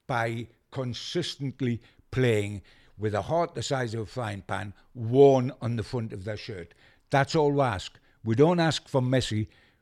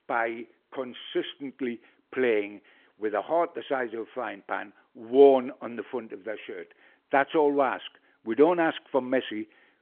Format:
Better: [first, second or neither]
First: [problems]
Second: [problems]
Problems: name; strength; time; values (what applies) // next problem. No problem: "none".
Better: first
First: none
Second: phone-call audio; nothing above 3 kHz